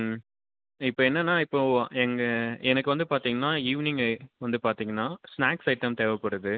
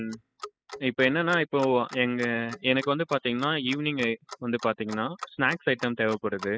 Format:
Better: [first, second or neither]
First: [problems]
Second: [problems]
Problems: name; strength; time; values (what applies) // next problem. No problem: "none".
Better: first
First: none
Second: noise reduction (classical method spectral subtraction)